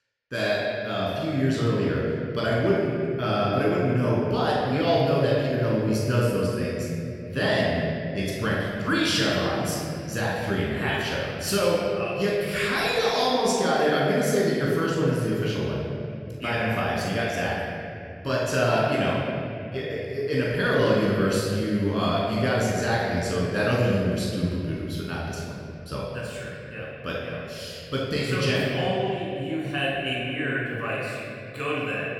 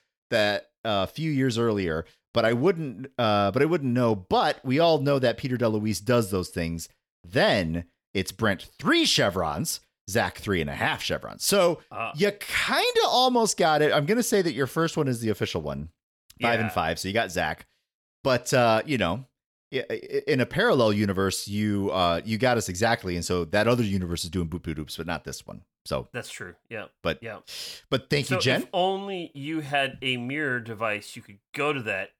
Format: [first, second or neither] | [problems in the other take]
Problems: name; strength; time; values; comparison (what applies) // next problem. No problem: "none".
second | off-mic speech; far // room echo; strong; dies away in 2.9 s